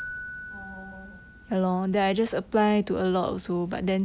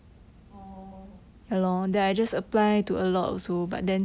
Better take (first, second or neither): second